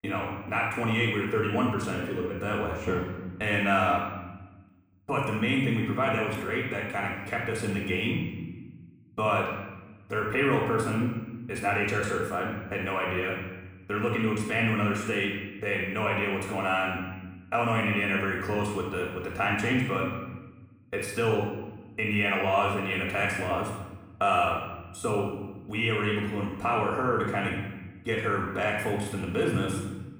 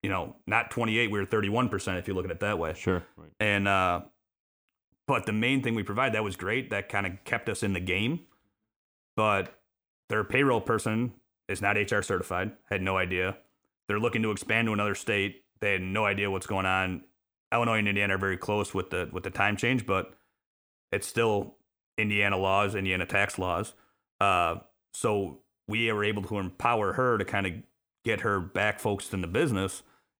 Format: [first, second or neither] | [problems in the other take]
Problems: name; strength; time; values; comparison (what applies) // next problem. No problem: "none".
second | off-mic speech; far // room echo; noticeable; dies away in 1.1 s